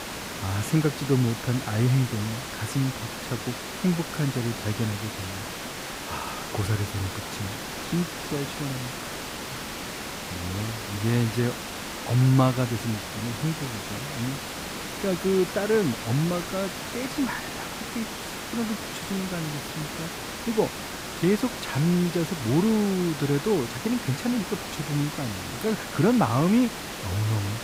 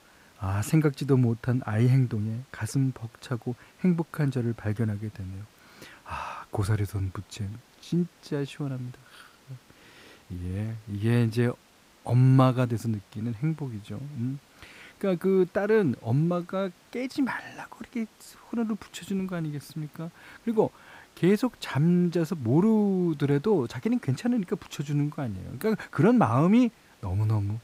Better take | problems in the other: second | hiss; loud; throughout; 6 dB below the speech; faint in the second

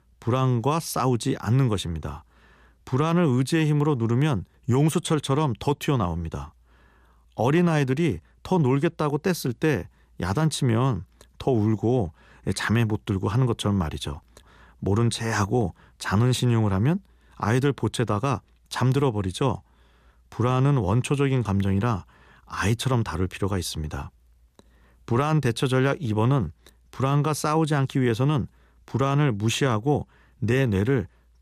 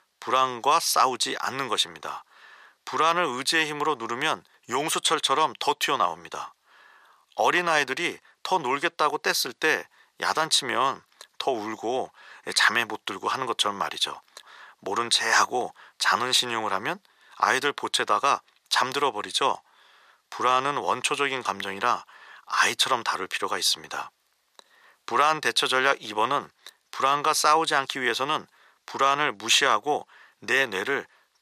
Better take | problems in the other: first | thin; very; fading below 750 Hz

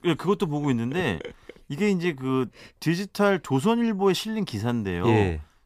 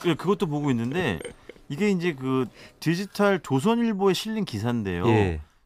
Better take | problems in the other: first | machinery noise; faint; throughout; 30 dB below the speech

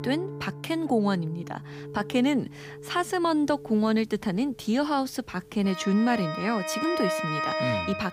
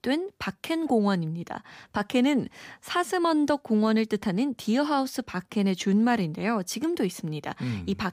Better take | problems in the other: second | background music; loud; throughout; 6 dB below the speech

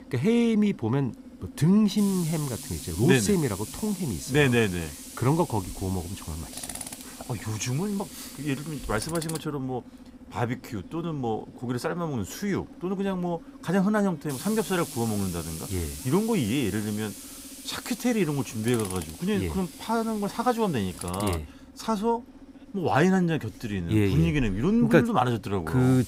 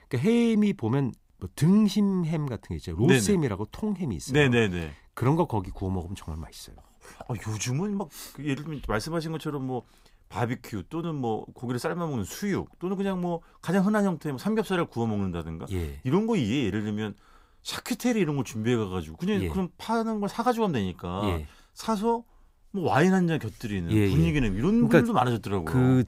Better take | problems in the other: second | machinery noise; noticeable; throughout; 15 dB below the speech

